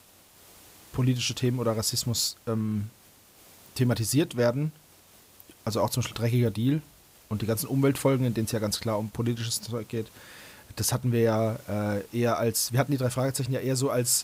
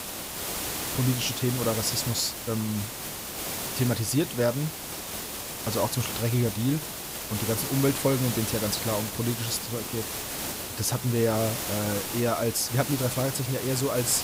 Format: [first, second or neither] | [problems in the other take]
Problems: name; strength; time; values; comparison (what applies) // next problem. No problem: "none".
first | hiss; loud; throughout; 4 dB below the speech; faint in the first